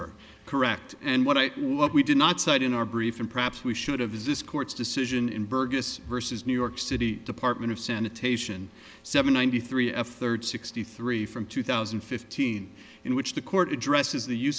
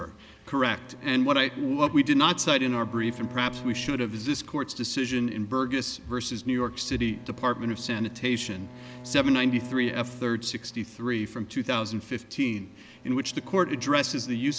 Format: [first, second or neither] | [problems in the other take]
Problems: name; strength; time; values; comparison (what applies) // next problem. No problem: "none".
first | background sound (Bowed string instrument); 18 dB below the speech